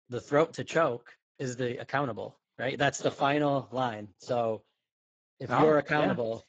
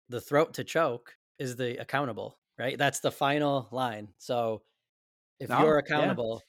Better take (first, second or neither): second